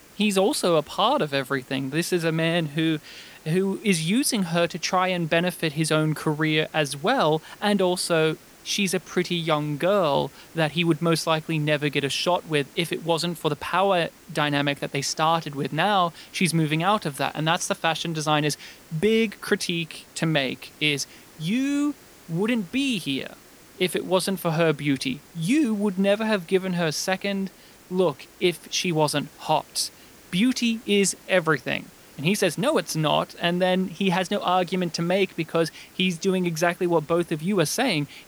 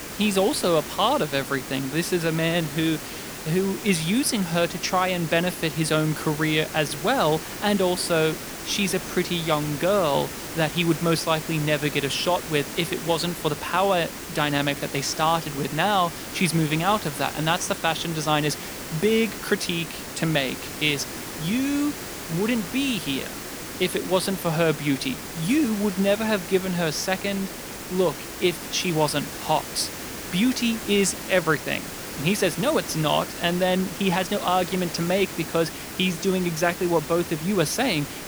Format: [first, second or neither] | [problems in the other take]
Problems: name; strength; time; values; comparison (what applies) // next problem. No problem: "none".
first | hiss; loud; throughout; 9 dB below the speech; faint in the first